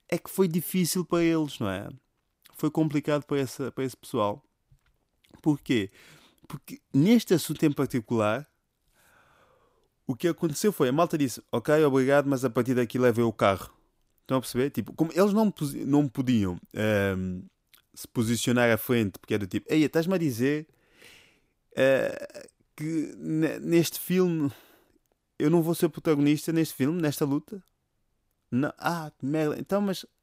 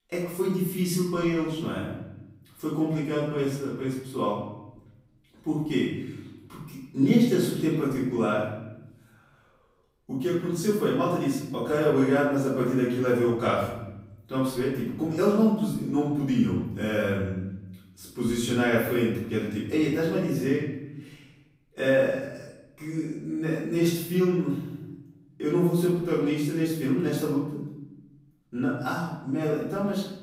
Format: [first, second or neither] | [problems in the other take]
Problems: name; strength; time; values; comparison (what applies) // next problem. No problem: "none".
first | room echo; noticeable; dies away in 0.9 s // off-mic speech; far